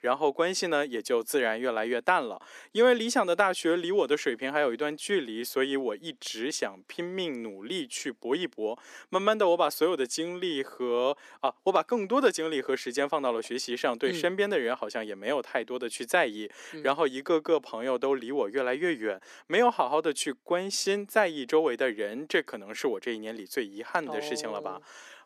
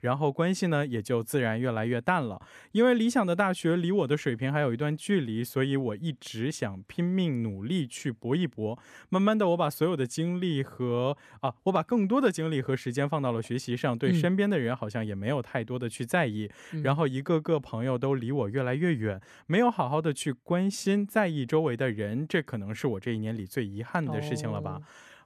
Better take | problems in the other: second | thin; somewhat; fading below 300 Hz

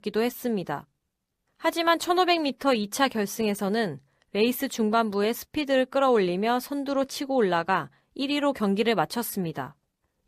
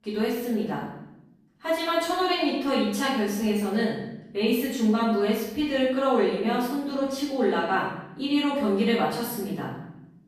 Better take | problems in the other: first | room echo; noticeable; dies away in 0.8 s // off-mic speech; far

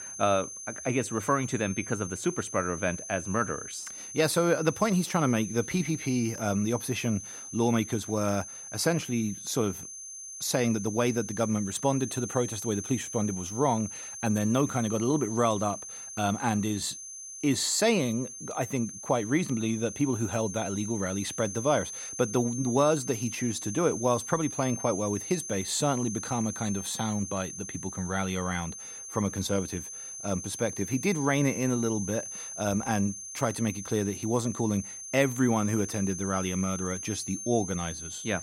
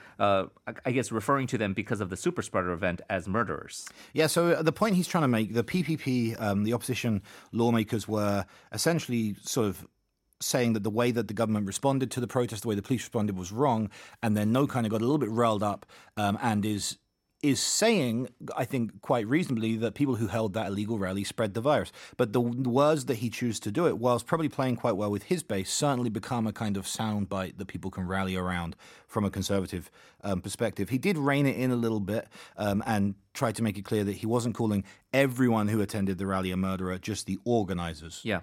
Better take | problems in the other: second | high-pitched whine; loud; throughout; 6.5 kHz, 8 dB below the speech

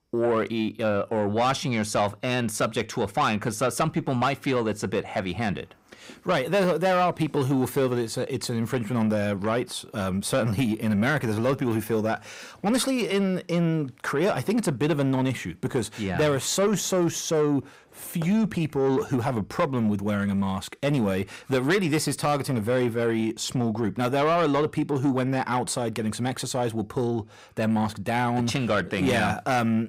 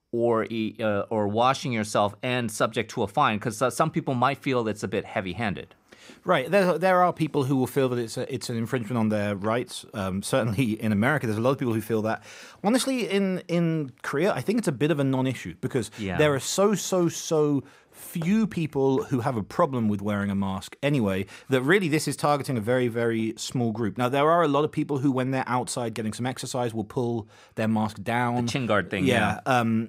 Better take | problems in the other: second | distortion; slight; 10 dB below the speech

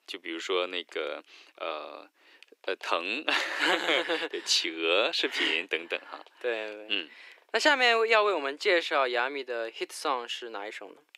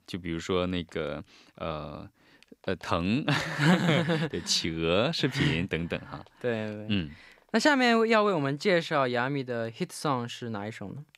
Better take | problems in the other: second | thin; very; fading below 350 Hz

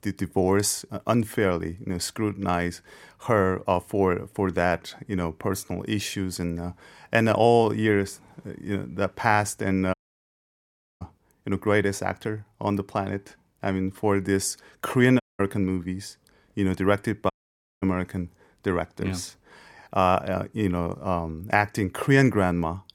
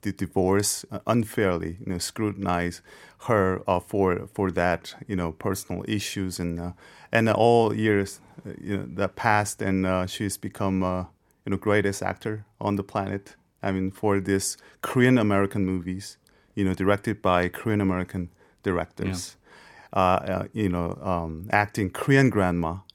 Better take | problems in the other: second | audio cutting out; at 10 s for 1 s, at 15 s and at 17 s for 0.5 s

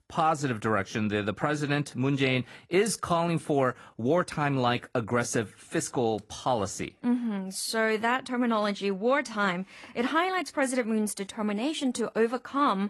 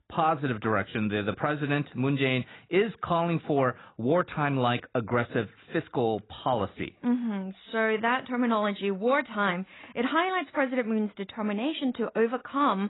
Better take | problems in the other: first | garbled, watery; badly; nothing above 4 kHz; slightly in the first

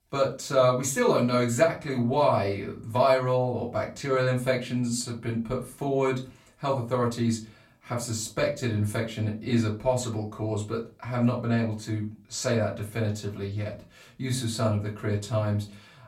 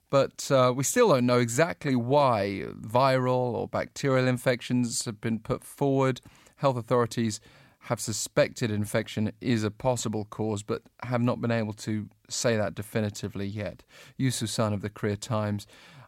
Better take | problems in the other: second | off-mic speech; far // room echo; very slight; dies away in 0.3 s

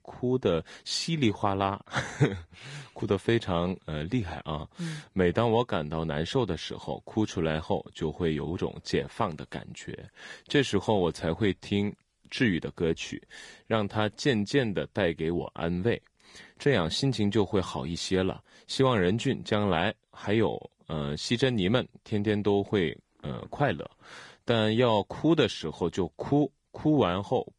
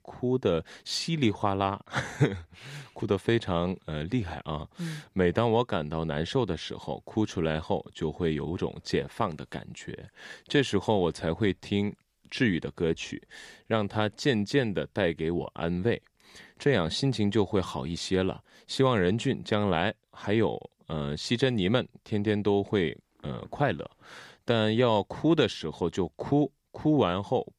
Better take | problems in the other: second | garbled, watery; slightly; nothing above 10.5 kHz

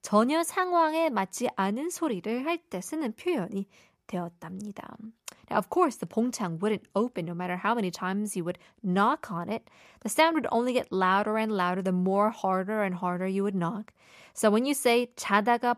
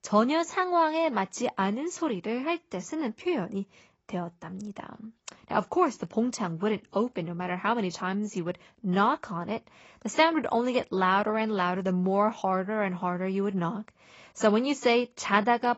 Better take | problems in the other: first | garbled, watery; badly; nothing above 7.5 kHz

